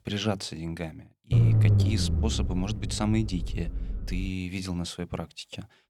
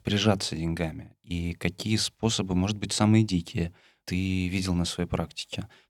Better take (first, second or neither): second